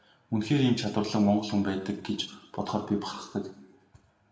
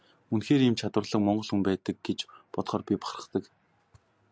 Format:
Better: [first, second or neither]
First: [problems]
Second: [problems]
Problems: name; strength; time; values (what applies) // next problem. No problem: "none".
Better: second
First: room echo; dies away in 0.6 s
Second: none